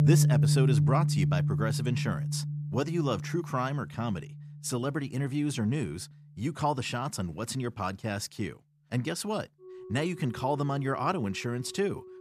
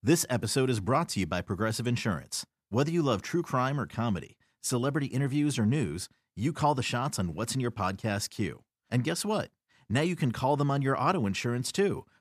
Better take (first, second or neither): second